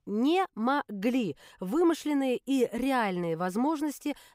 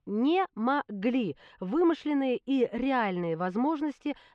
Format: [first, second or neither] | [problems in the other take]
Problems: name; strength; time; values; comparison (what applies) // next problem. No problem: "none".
first | muffled; slightly; fading above 3.5 kHz